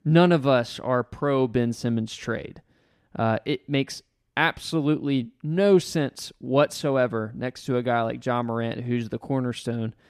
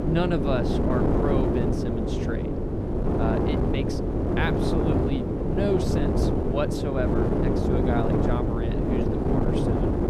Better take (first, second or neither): first